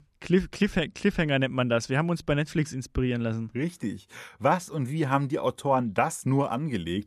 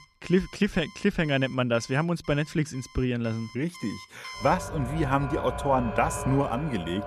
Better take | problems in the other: first | alarms or sirens; loud; throughout; 10 dB below the speech

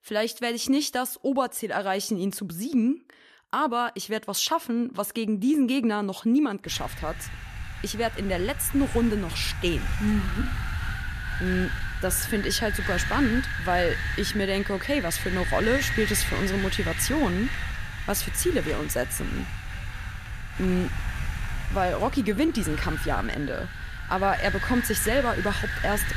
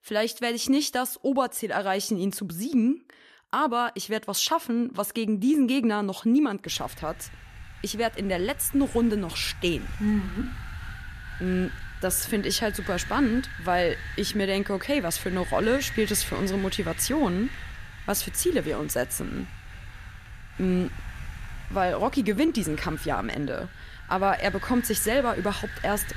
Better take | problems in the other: second | wind noise on the microphone; heavy; from 6.5 s on; 4 dB below the speech; occasional gusts in the second

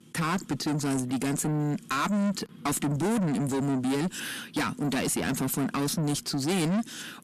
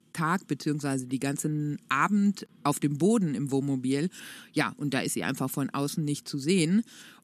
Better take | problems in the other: second | distortion; heavy; 6 dB below the speech

